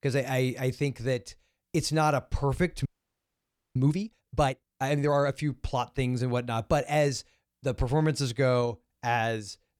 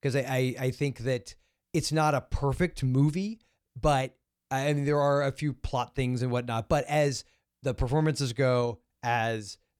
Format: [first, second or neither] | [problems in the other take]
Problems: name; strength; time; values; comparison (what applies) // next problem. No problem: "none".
second | audio freezing; at 3 s for 1 s